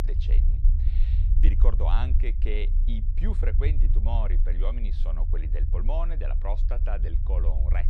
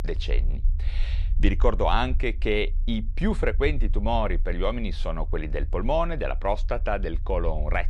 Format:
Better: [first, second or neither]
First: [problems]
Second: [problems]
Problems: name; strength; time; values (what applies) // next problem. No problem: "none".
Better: second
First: low rumble; loud; throughout; 8 dB below the speech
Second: low rumble; faint; throughout; 25 dB below the speech